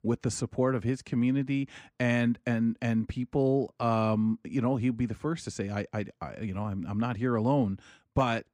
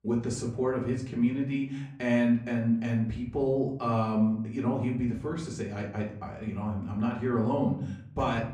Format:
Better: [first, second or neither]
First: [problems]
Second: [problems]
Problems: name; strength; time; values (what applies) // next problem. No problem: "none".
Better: first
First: none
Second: off-mic speech; far // room echo; slight; dies away in 0.7 s